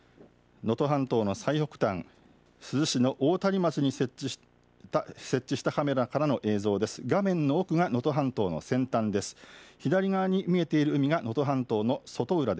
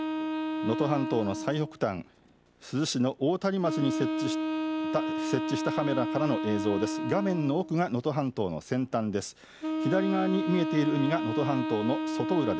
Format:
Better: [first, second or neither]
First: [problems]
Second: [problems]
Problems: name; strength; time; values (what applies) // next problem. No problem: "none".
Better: first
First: none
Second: background sound (Wind instrument, woodwind instrument); 3 dB below the speech